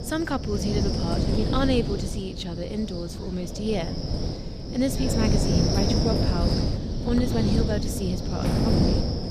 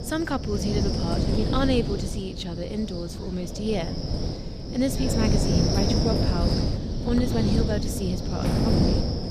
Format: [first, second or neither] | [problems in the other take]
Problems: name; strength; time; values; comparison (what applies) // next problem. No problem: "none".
neither | wind noise on the microphone; heavy; as loud as the speech; the same in both